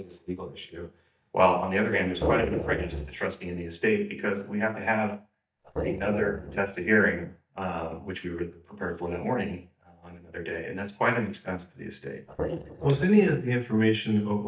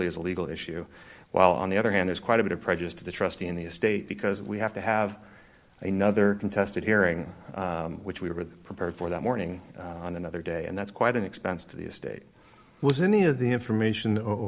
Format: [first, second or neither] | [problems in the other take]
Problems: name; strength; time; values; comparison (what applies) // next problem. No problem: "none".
second | noise reduction (neural mask model DeepFilterNet 3)